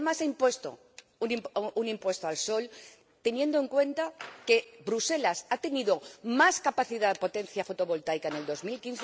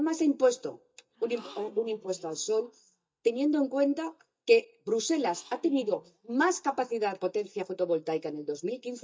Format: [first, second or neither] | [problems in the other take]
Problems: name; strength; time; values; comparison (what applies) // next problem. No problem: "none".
first | noise reduction (neural mask model DeepFilterNet 3)